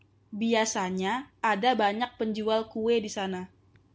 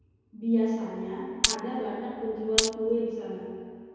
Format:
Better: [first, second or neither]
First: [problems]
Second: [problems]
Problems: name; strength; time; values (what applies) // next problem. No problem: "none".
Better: first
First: none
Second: background sound (Glass); 2 dB above the speech // room echo; dies away in 2.2 s